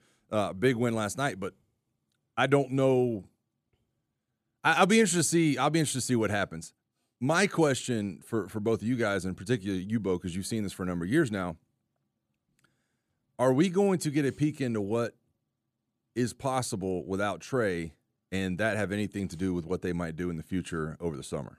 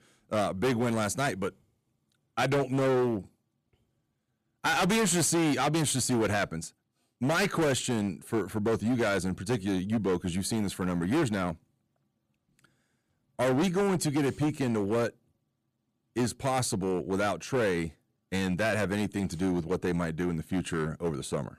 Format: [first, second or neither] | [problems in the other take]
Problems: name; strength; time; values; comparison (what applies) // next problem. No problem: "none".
first | distortion; heavy; 13% of the sound clipped